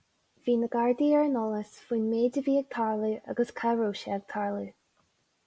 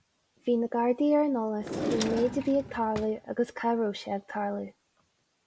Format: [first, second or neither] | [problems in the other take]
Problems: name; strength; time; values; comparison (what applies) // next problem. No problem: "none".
first | background sound (Drawer open or close); 7 dB below the speech